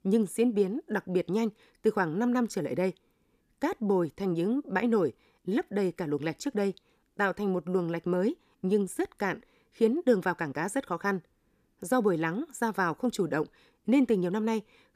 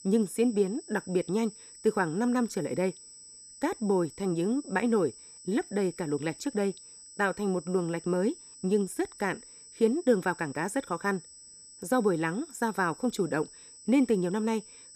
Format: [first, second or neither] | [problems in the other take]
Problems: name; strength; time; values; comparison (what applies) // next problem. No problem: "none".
first | high-pitched whine; noticeable; throughout; 8 kHz, 20 dB below the speech